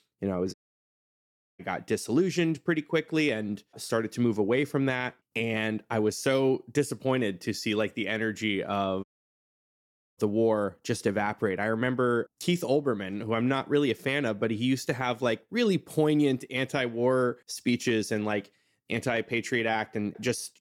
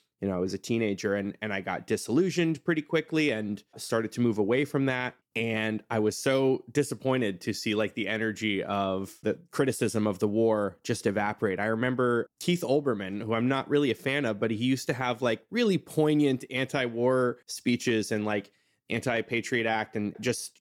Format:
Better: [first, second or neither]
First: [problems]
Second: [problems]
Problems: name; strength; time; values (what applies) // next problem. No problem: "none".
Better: second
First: audio cutting out; at 0.5 s for 1 s and at 9 s for 1 s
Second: none